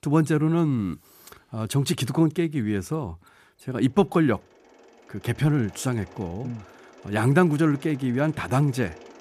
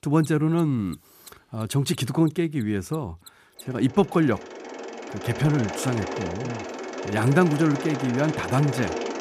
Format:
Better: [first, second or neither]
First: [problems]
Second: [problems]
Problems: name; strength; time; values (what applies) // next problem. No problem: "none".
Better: first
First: machinery noise; faint; throughout; 25 dB below the speech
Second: machinery noise; loud; throughout; 9 dB below the speech